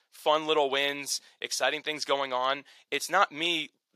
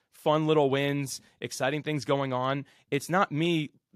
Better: second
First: thin; very; fading below 600 Hz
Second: none

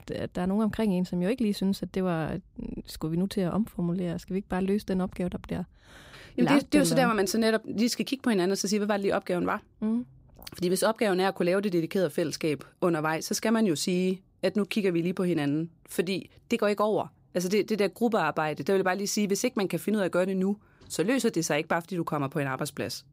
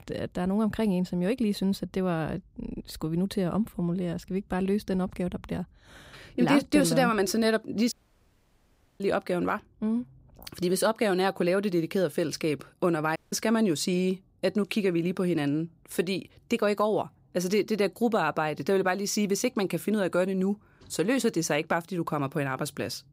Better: first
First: none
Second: audio cutting out; at 8 s for 1 s and at 13 s

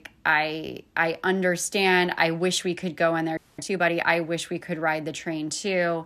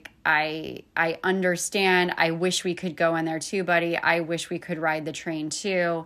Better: second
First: audio freezing; at 3.5 s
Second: none

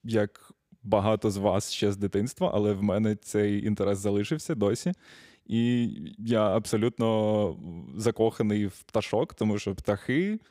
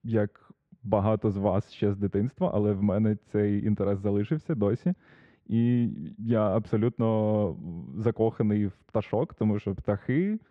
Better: first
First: none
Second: muffled; very; fading above 2 kHz

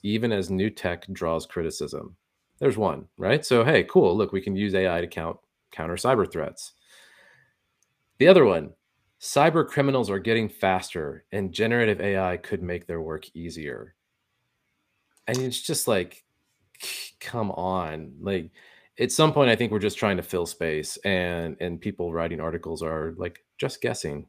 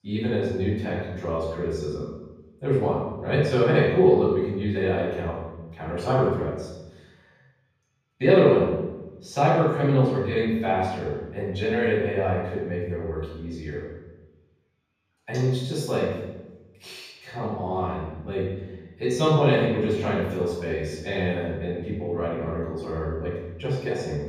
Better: first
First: none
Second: room echo; strong; dies away in 1.3 s // off-mic speech; far

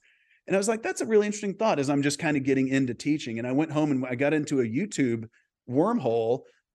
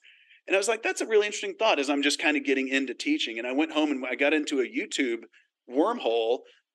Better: first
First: none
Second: thin; very slightly; fading below 300 Hz

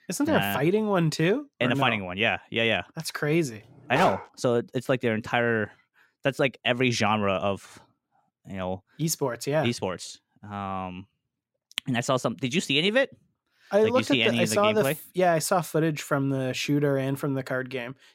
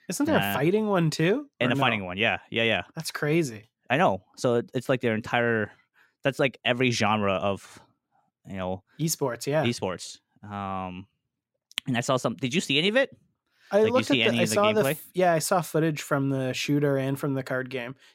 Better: second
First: dog barking; noticeable; at 4 s; peak 4 dB below the speech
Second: none

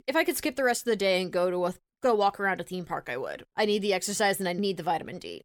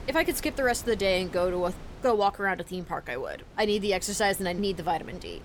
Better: first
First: none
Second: wind noise on the microphone; occasional gusts; 20 dB below the speech

